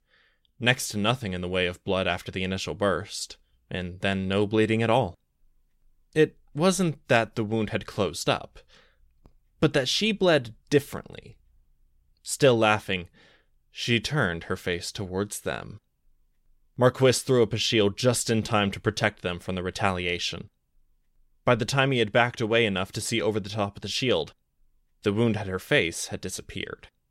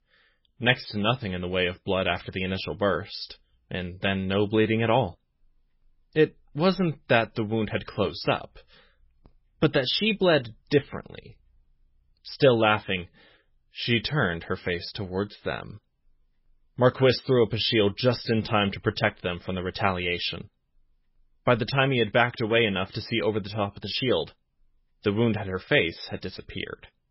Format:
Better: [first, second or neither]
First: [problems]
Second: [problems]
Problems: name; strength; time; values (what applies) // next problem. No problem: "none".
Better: first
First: none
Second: garbled, watery; badly; nothing above 5.5 kHz